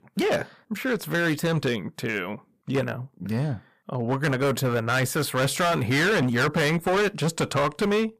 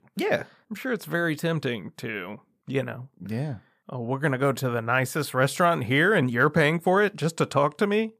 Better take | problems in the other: second | distortion; heavy; 15% of the sound clipped

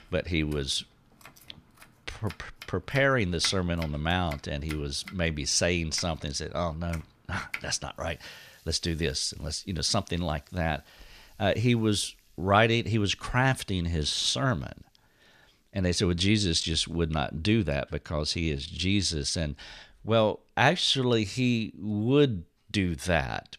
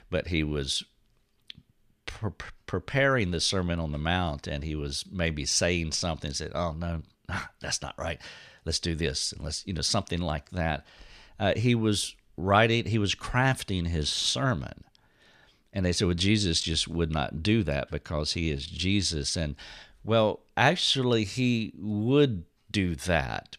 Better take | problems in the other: second | household noises; noticeable; throughout; 20 dB below the speech

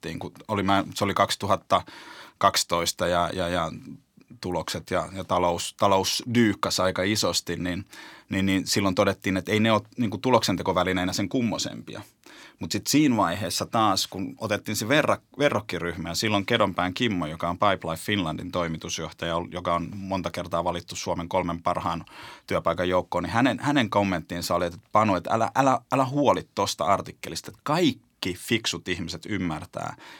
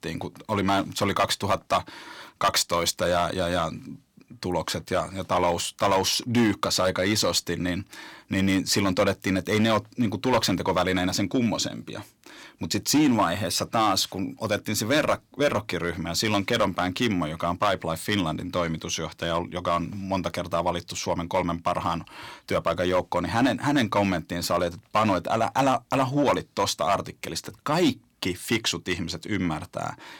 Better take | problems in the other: first | distortion; slight; 4% of the sound clipped

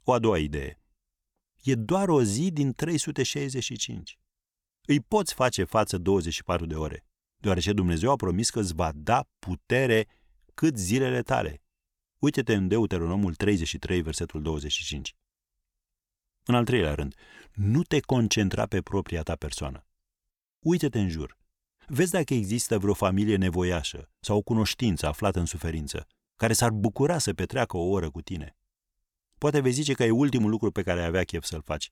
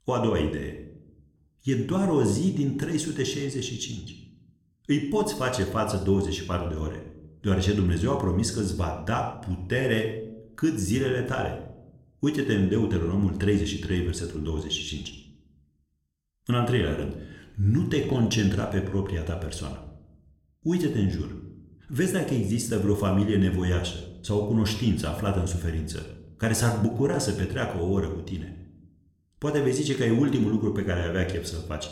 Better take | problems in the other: first | room echo; slight; dies away in 0.6 s

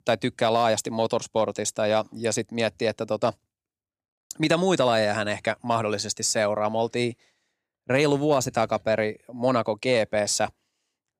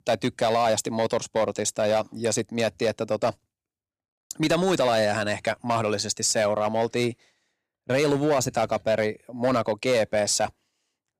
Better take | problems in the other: first | distortion; slight; 5% of the sound clipped

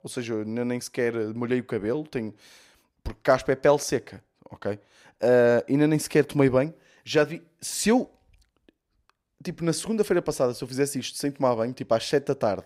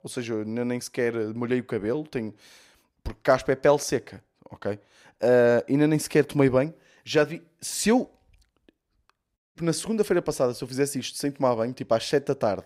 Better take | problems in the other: first | audio cutting out; at 9.5 s

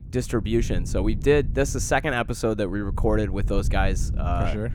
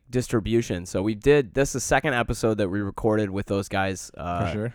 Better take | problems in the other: second | wind noise on the microphone; occasional gusts; 20 dB below the speech

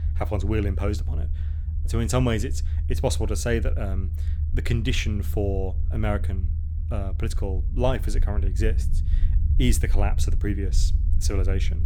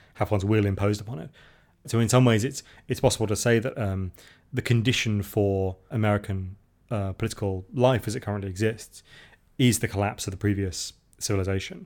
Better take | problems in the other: second | low rumble; noticeable; throughout; 15 dB below the speech

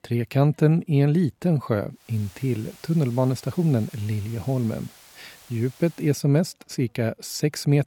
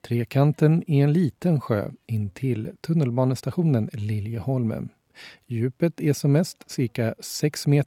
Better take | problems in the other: second | hiss; faint; from 2 to 6 s; 25 dB below the speech

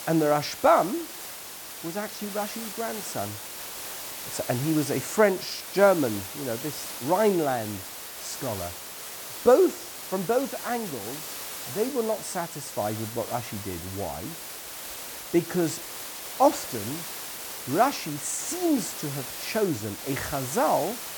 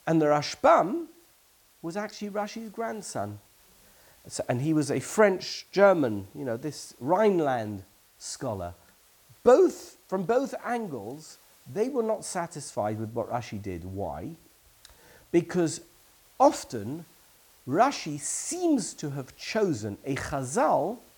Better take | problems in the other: second | hiss; loud; throughout; 8 dB below the speech; faint in the second

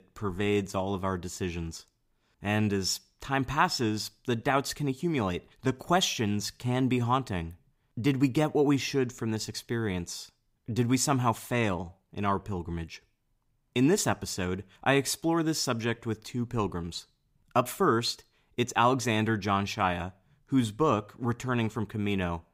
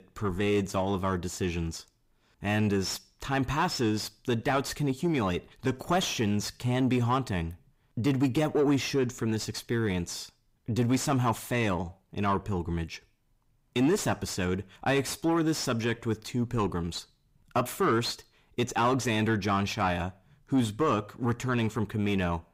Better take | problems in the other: first | distortion; slight; 10 dB below the speech

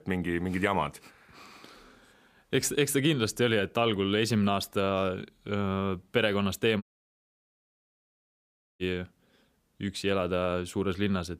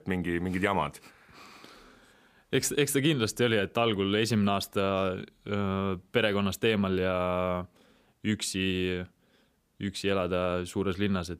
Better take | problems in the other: second | audio cutting out; at 7 s for 2 s

